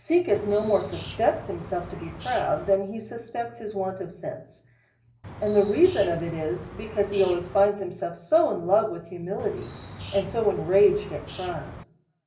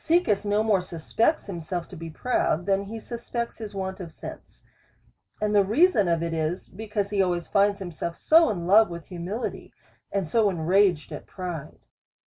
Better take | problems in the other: second | background sound (Bird); 14 dB below the speech // room echo; dies away in 0.5 s

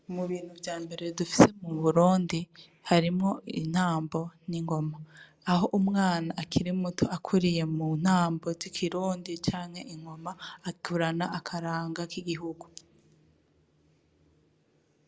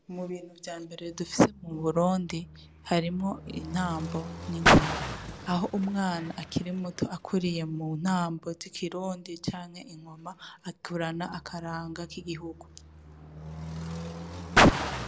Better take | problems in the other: first | background sound (Car); as loud as the speech

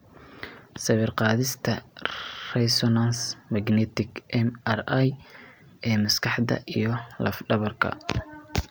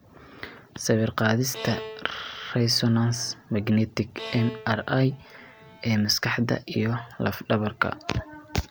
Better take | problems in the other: first | background sound (Bowed string instrument); 16 dB below the speech

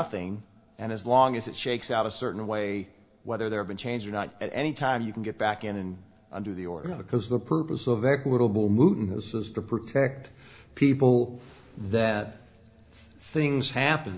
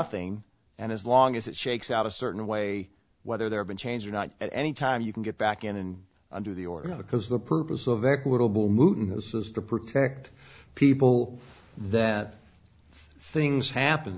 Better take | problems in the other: second | room echo; dies away in 2.2 s

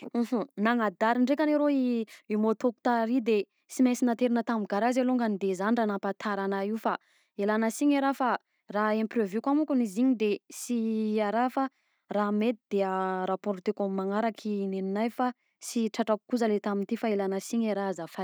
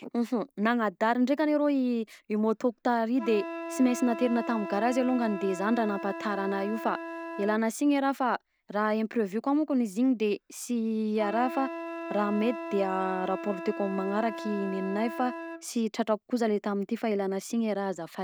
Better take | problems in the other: first | background sound (Wind instrument, woodwind instrument); 12 dB below the speech

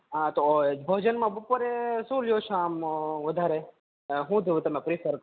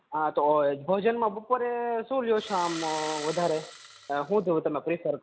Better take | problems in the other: first | background sound (Engine starting); 13 dB below the speech

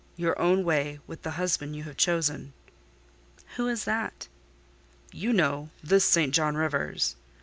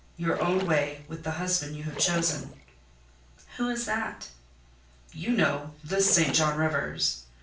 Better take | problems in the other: first | background sound (Splash, splatter); 12 dB below the speech // room echo; dies away in 0.4 s

